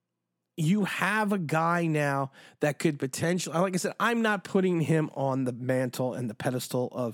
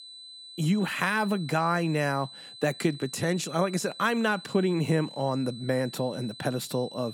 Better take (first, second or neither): first